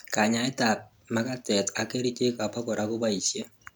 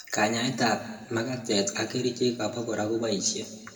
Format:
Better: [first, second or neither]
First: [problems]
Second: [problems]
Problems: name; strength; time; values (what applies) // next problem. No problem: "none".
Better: first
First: none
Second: room echo; dies away in 1.6 s